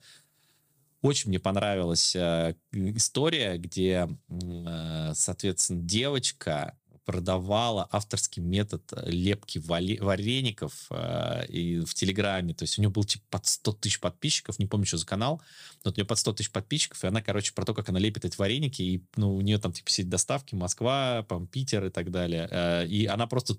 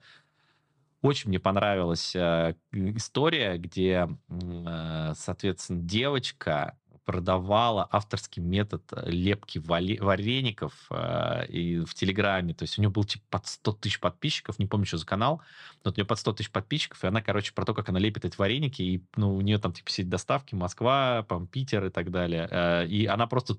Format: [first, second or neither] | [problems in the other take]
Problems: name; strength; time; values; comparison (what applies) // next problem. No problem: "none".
first | muffled; slightly; fading above 3 kHz